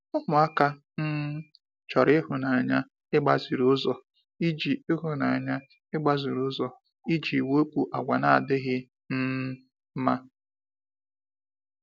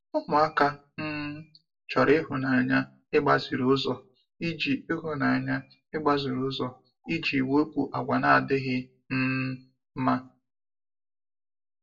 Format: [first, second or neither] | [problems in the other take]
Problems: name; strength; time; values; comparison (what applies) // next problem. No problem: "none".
first | room echo; dies away in 0.2 s